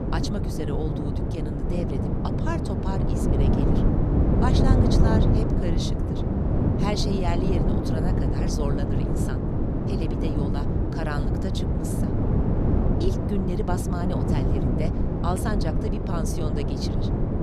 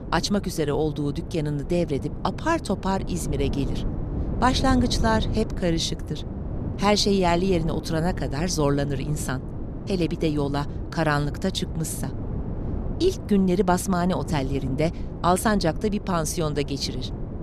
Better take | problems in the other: second | wind noise on the microphone; heavy; 2 dB above the speech; occasional gusts in the second

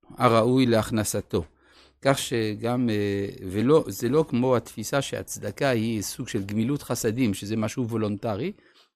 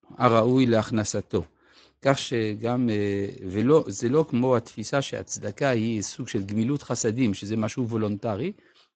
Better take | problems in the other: first | garbled, watery; slightly; nothing above 7.5 kHz

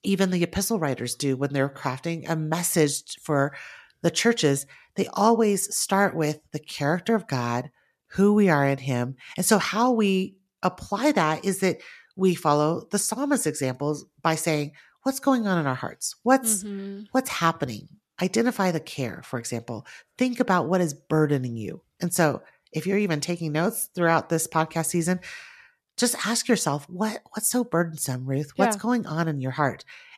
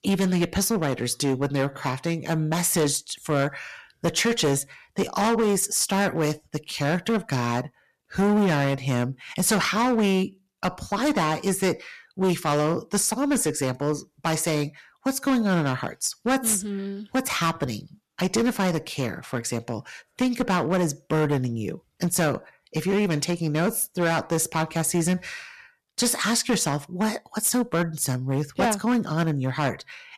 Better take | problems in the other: first | distortion; heavy; 9% of the sound clipped

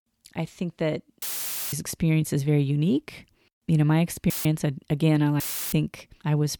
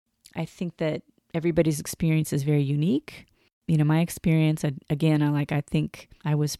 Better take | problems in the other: second | audio cutting out; filled with static; at 1 s for 0.5 s, at 4.5 s and at 5.5 s

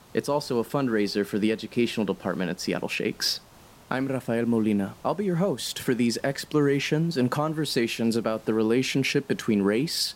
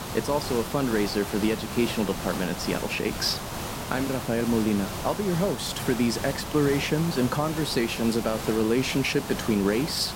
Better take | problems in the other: first | hiss; loud; throughout; 7 dB below the speech; faint in the first

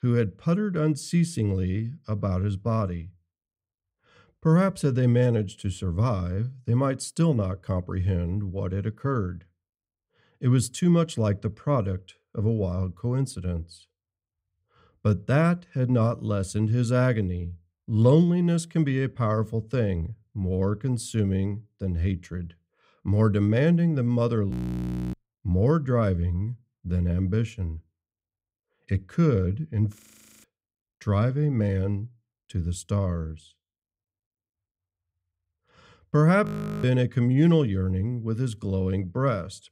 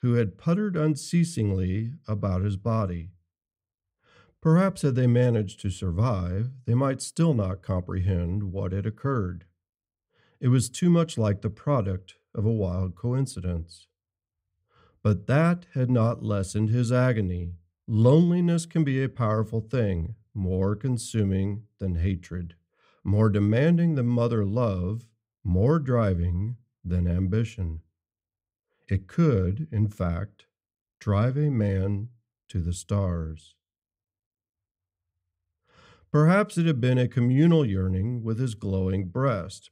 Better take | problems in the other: second | audio freezing; at 25 s for 0.5 s, at 30 s and at 36 s

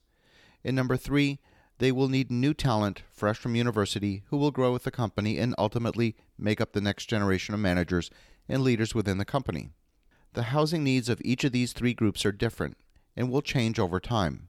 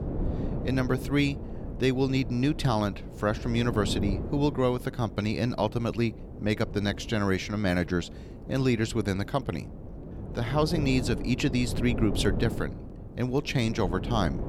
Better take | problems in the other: first | wind noise on the microphone; occasional gusts; 10 dB below the speech

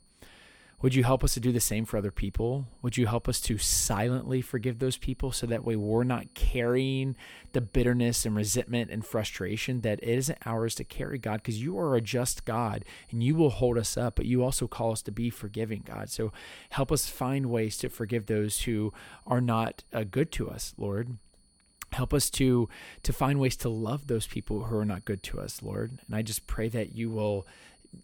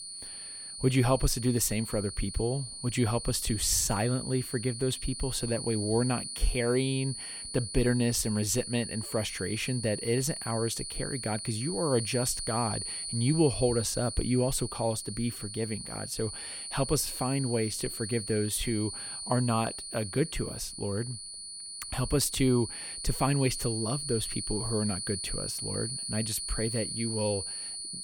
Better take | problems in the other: first | high-pitched whine; loud; throughout; 9.5 kHz, 6 dB below the speech; faint in the first

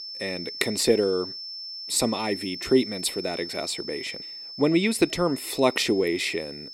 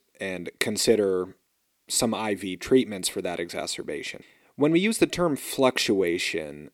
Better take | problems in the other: second | high-pitched whine; loud; throughout; 5.5 kHz, 10 dB below the speech

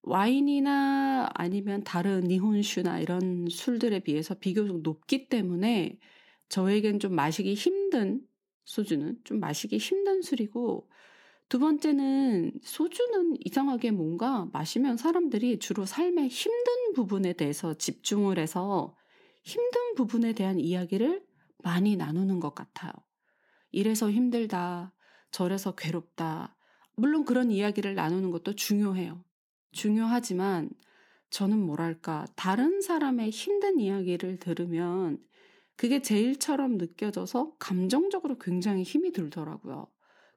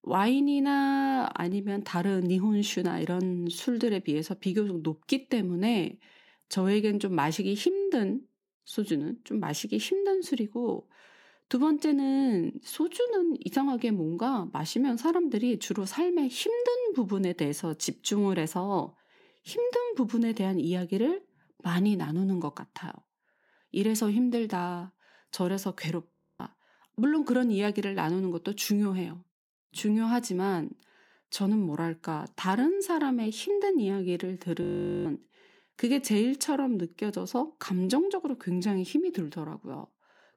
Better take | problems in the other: first | audio freezing; at 26 s and at 35 s

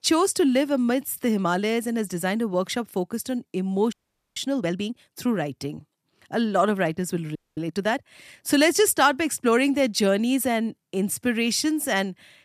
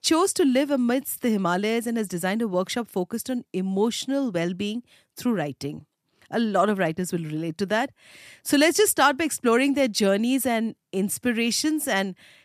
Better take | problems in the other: second | audio freezing; at 4 s and at 7.5 s

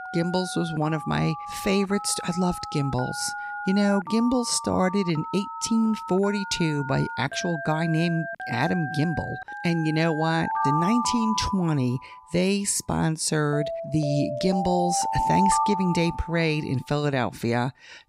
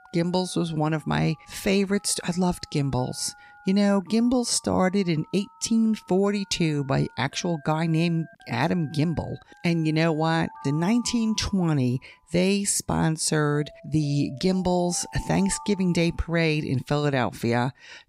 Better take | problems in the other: second | alarms or sirens; loud; throughout; 5 dB below the speech; faint in the second

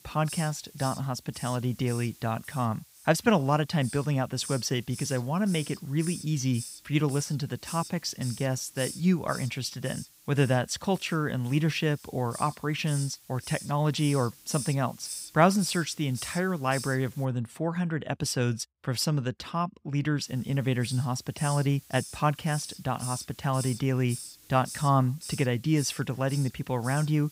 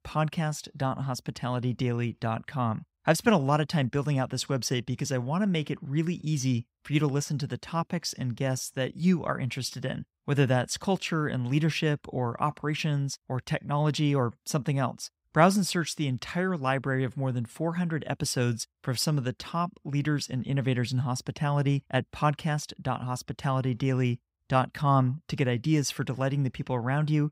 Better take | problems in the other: second | hiss; noticeable; until 17 s and from 20 s on; 15 dB below the speech

